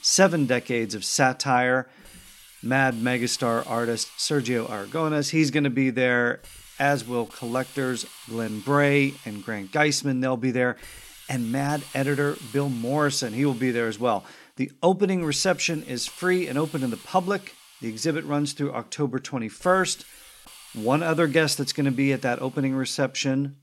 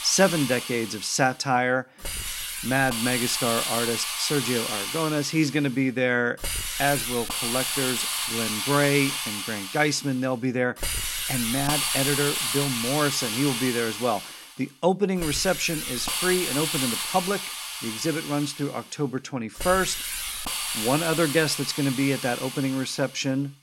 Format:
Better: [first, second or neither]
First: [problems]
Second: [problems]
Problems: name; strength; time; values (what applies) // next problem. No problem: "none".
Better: first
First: hiss; faint; throughout; 20 dB below the speech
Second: hiss; loud; throughout; 2 dB below the speech